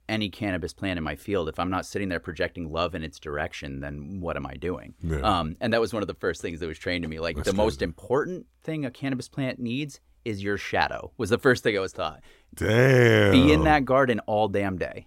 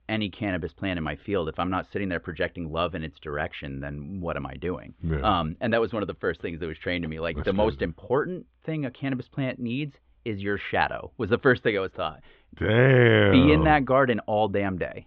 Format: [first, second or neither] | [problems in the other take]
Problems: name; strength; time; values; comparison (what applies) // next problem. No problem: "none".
first | muffled; very; fading above 3.5 kHz